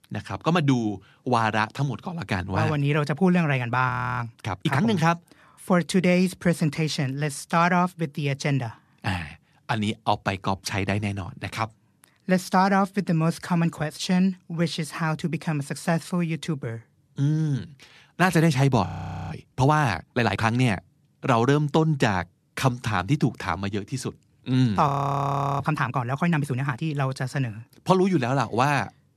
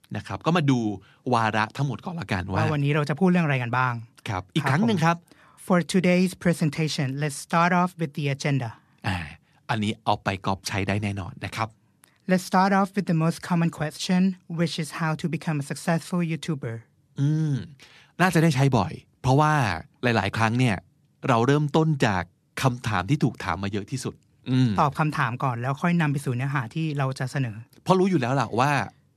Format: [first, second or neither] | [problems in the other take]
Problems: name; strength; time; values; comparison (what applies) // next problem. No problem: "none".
second | audio freezing; at 4 s, at 19 s and at 25 s for 0.5 s